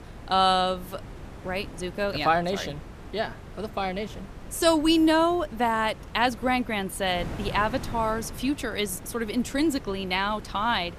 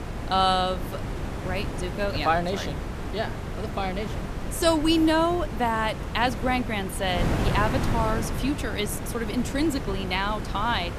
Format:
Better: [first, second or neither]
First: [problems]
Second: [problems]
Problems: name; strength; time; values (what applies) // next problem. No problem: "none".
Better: first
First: wind noise on the microphone; occasional gusts; 20 dB below the speech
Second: wind noise on the microphone; heavy; 10 dB below the speech